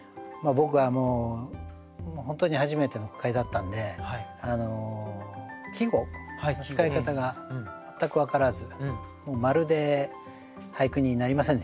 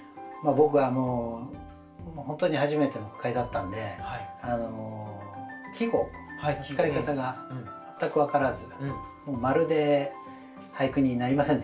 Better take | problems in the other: first | room echo; dies away in 0.3 s

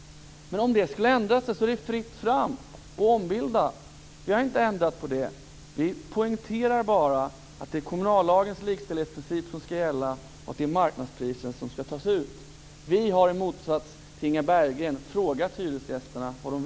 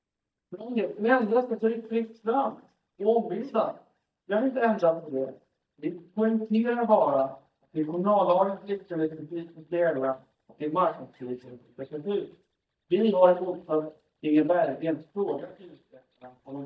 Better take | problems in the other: first | noise reduction (neural mask model DeepFilterNet 3)

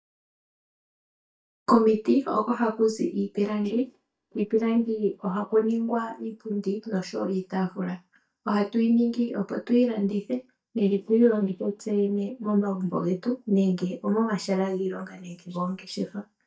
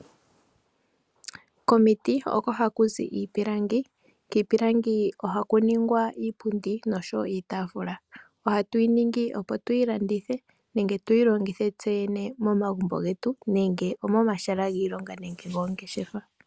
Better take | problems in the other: second | noise reduction (neural mask model DeepFilterNet 3)

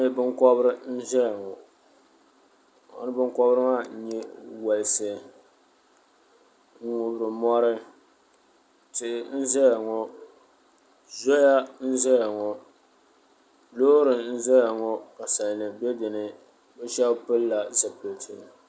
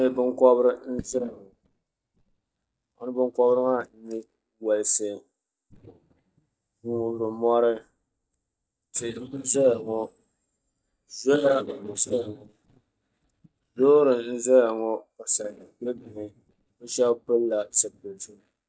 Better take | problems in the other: first | noise reduction (neural mask model DeepFilterNet 3)

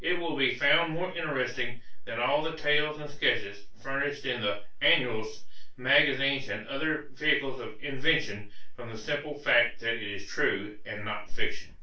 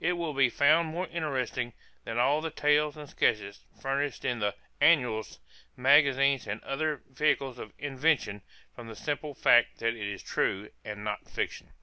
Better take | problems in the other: second | room echo; dies away in 0.2 s

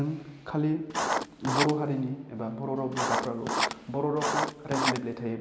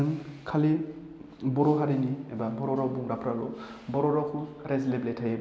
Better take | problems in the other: second | background sound (Writing); as loud as the speech

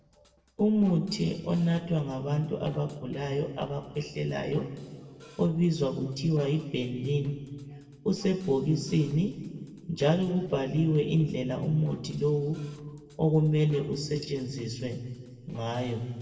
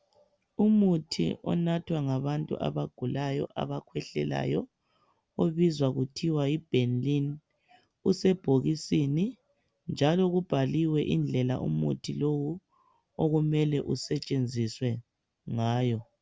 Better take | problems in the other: second | noise reduction (neural separator model SepFormer DNS4)

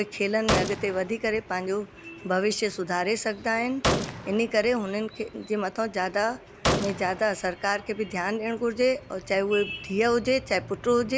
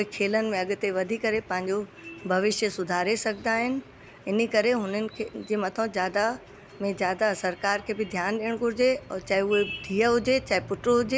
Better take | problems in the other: second | background sound (Gunshot, gunfire); 6 dB below the speech

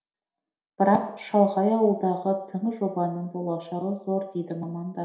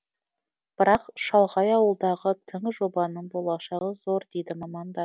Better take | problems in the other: second | room echo; dies away in 0.7 s

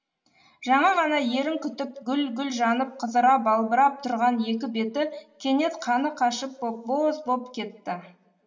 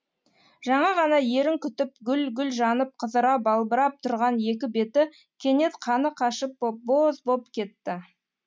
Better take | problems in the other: second | room echo; dies away in 0.9 s

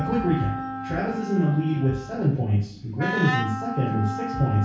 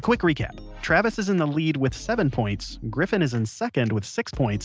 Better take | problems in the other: second | background sound (Wind instrument, woodwind instrument); 7 dB below the speech // room echo; dies away in 0.6 s

